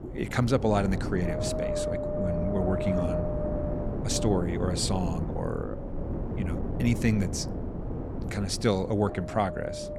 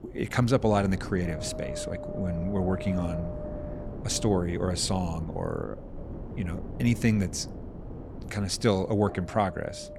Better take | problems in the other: second | wind noise on the microphone; heavy; 3 dB below the speech; occasional gusts in the second

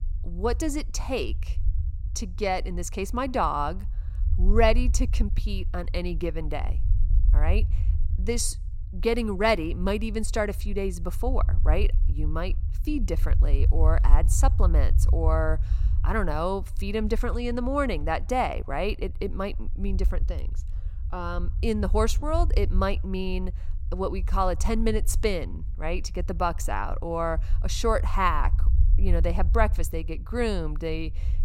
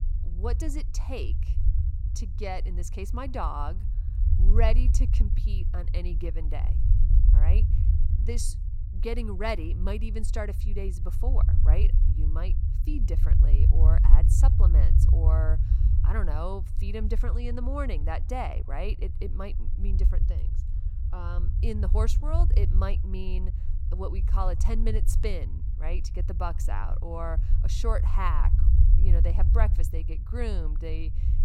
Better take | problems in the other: first | low rumble; loud; throughout; 8 dB below the speech; faint in the first

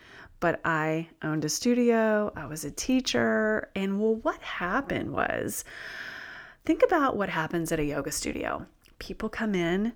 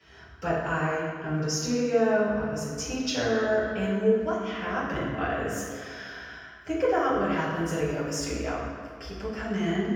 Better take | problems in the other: first | room echo; strong; dies away in 1.7 s // off-mic speech; far

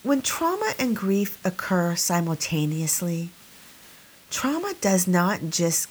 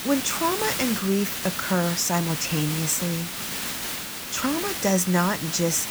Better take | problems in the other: first | hiss; loud; throughout; 4 dB below the speech; faint in the first

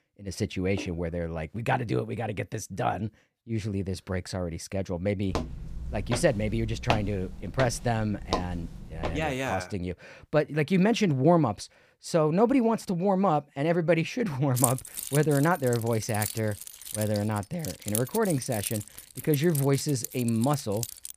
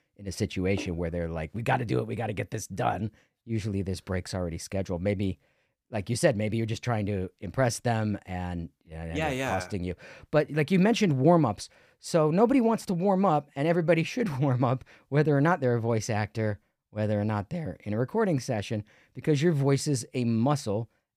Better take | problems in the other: second | footsteps; noticeable; from 5.5 to 9 s; peak 2 dB below the speech // jangling keys; loud; from 15 s on; peak level with the speech

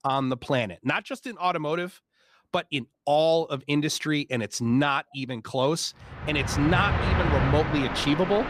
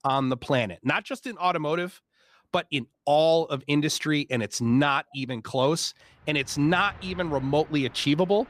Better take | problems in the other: second | train or aircraft noise; loud; from 6.5 s on; 1 dB below the speech; faint in the second

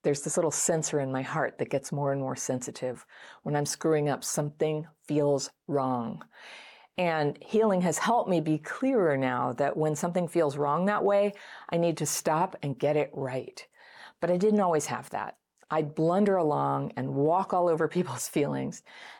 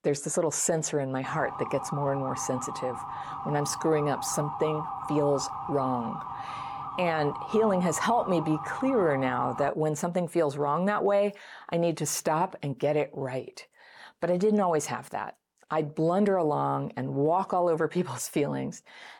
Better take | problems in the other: first | siren; noticeable; from 1 to 9.5 s; peak 7 dB below the speech

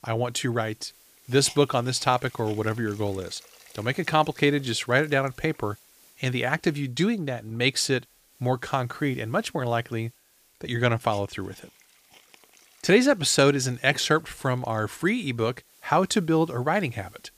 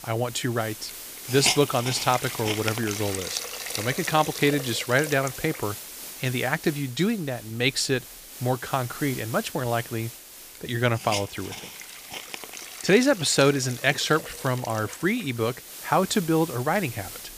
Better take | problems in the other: first | hiss; loud; throughout; 9 dB below the speech; faint in the first

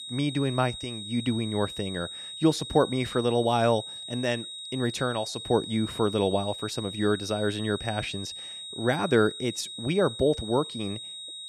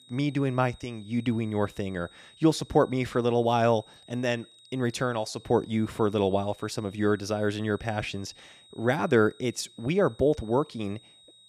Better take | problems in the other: second | high-pitched whine; loud; throughout; 4 kHz, 9 dB below the speech; faint in the second

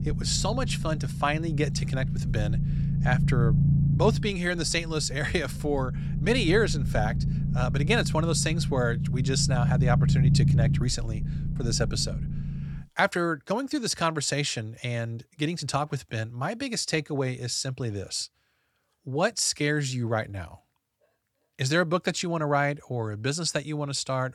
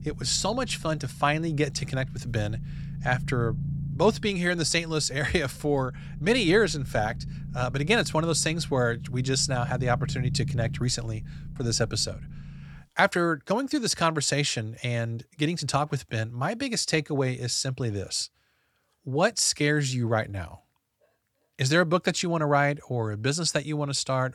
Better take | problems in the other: second | low rumble; loud; until 13 s; 9 dB below the speech; faint in the second

